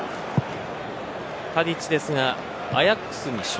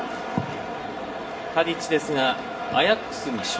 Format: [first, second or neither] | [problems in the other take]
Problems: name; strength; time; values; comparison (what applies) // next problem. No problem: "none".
first | room echo; dies away in 0.7 s